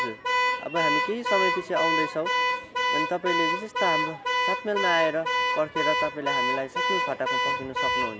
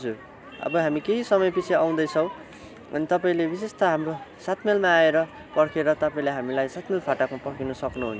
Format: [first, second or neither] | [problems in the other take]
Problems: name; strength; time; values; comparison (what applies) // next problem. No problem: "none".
second | background sound (Alarm / Car); 4 dB above the speech